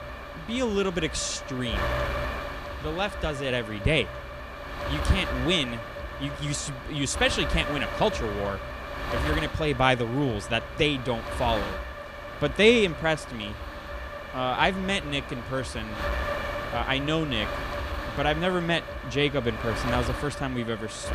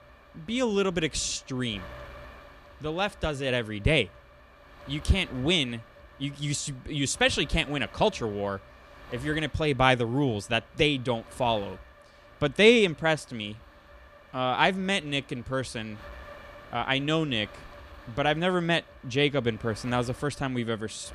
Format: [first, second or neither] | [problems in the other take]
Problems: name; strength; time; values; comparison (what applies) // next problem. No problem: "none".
second | wind noise on the microphone; heavy; 6 dB below the speech; occasional gusts in the second